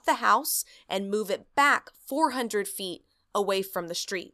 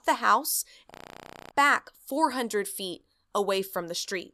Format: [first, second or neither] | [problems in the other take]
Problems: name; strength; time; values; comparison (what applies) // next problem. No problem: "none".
first | audio freezing; at 1 s for 0.5 s